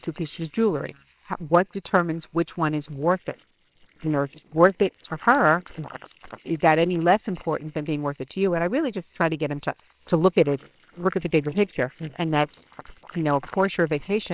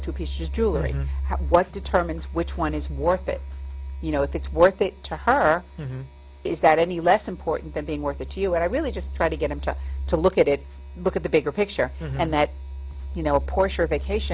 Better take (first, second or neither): second